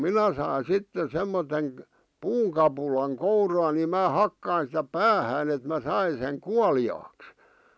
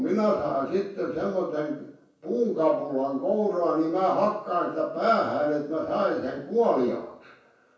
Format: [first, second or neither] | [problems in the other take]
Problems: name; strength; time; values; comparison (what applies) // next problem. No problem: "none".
first | room echo; dies away in 0.6 s